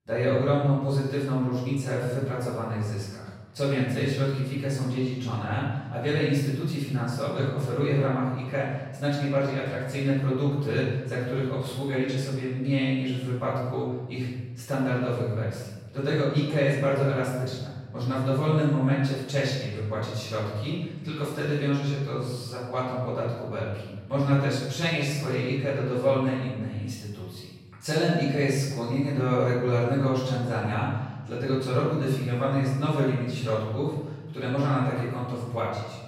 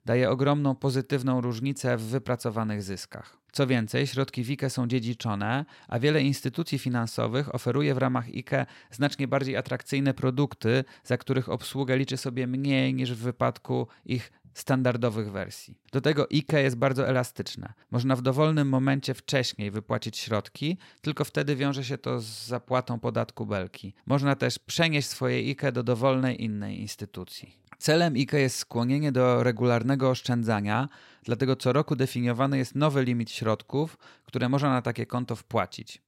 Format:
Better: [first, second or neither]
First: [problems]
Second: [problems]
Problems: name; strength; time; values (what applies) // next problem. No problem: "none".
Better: second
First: off-mic speech; far // room echo; strong; dies away in 1.1 s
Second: none